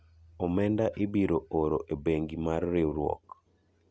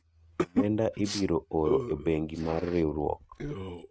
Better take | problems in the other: first | noise reduction (neural mask model RNNoise)

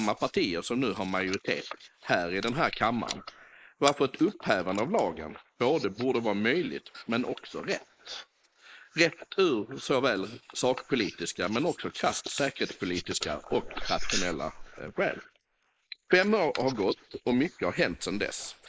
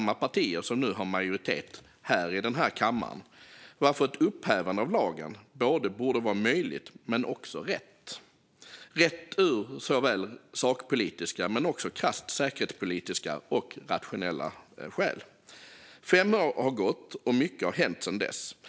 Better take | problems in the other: second | noise reduction (neural mask model Resemble Enhance denoiser)

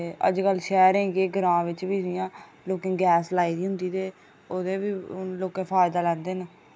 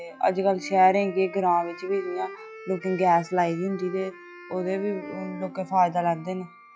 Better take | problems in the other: first | noise reduction (classical method log-MMSE)

